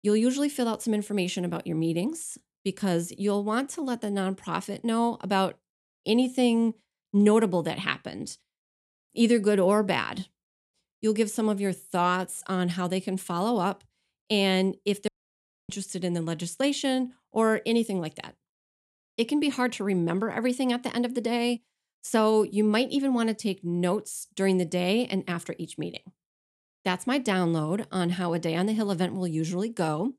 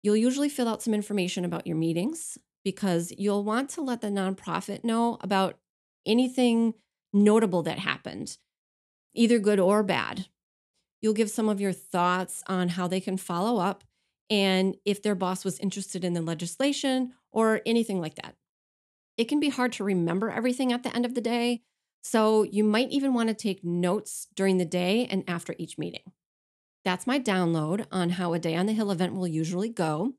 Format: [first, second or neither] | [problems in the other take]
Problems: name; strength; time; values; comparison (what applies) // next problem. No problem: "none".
second | audio cutting out; at 15 s for 0.5 s